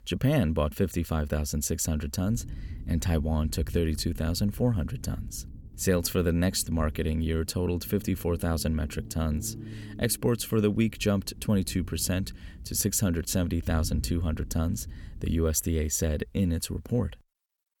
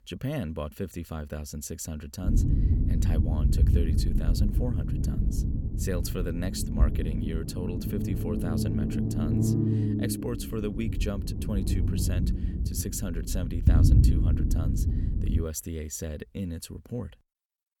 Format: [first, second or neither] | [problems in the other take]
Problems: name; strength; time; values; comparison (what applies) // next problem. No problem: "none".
first | low rumble; loud; from 2.5 to 15 s; as loud as the speech; faint in the first